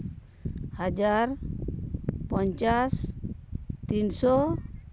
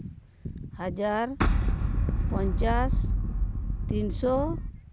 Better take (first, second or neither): first